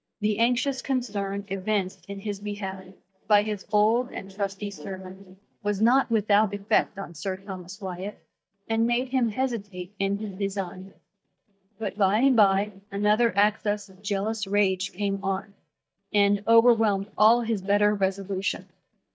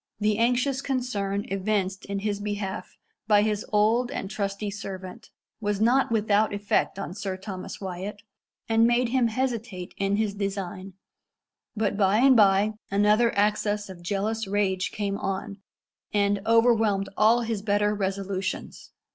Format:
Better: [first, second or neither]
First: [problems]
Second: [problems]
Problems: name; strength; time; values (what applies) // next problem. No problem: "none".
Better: second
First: noise reduction (neural mask model DeepFilterNet 3)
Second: none